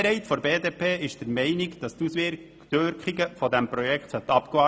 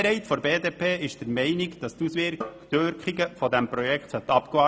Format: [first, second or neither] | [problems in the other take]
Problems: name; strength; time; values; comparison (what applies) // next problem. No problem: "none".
first | background sound (Drum); 18 dB below the speech